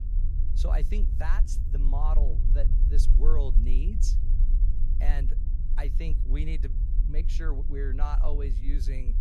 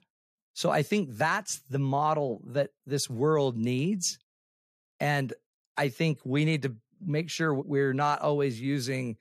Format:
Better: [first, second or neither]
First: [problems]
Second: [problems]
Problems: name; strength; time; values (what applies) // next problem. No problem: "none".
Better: second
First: low rumble; loud; throughout; 8 dB below the speech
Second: none